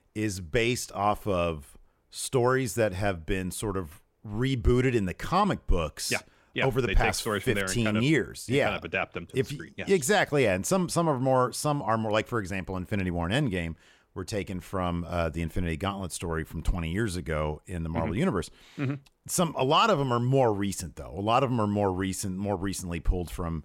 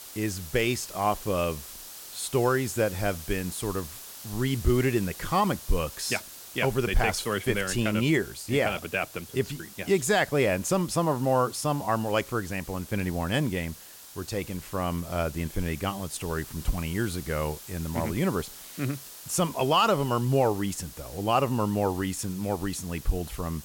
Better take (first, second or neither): first